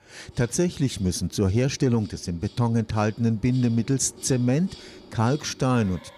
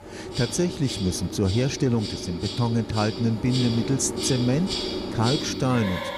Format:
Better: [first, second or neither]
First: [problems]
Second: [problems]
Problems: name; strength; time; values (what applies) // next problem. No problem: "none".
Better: first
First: animal sounds; faint; throughout; 25 dB below the speech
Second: animal sounds; loud; throughout; 6 dB below the speech